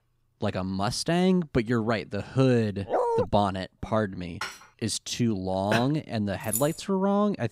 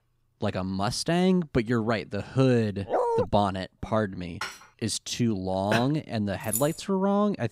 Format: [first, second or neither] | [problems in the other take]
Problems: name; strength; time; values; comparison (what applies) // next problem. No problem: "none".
neither | dog barking; loud; at 3 s; peak 1 dB above the speech; the same in both // clattering dishes; noticeable; at 4.5 s; peak 10 dB below the speech; the same in both // jangling keys; noticeable; at 6.5 s; peak 4 dB below the speech; the same in both